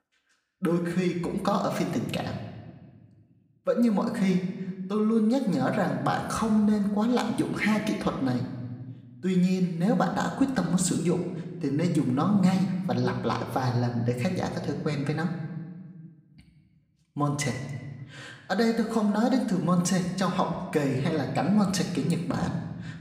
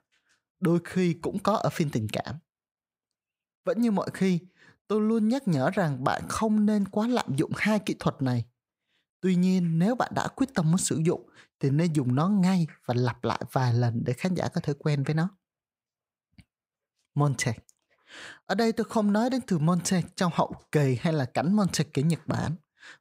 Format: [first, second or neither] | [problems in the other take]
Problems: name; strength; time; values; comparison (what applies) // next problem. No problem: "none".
second | room echo; slight; dies away in 1.1 s // off-mic speech; somewhat distant